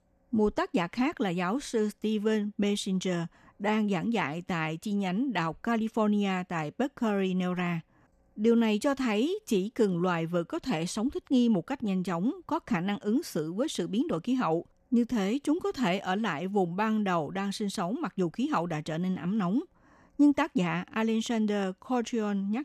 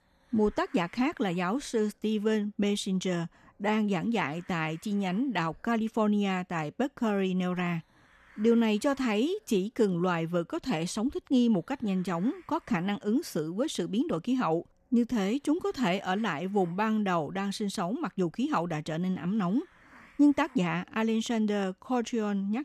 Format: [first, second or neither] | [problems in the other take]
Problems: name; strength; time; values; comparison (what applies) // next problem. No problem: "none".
first | hiss; faint; throughout; 30 dB below the speech